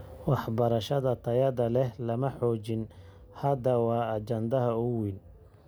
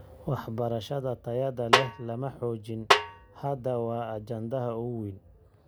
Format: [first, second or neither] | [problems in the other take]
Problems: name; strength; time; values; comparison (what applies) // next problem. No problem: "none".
first | background sound (Snare drum); 4 dB above the speech